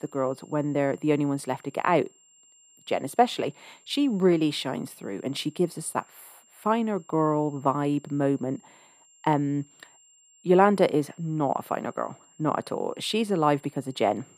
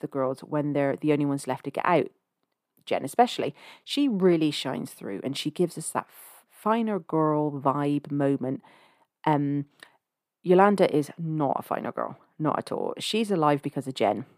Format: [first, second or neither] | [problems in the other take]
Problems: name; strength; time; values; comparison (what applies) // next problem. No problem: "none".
second | high-pitched whine; faint; throughout; 7.5 kHz, 30 dB below the speech